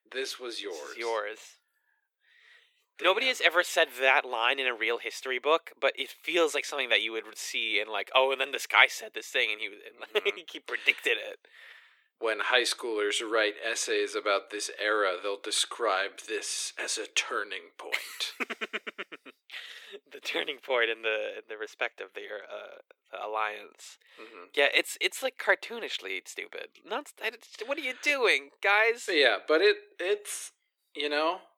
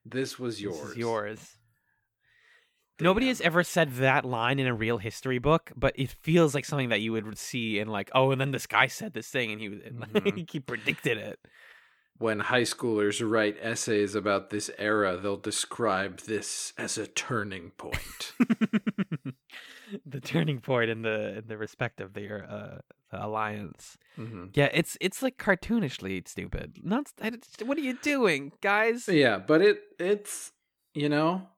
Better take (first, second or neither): second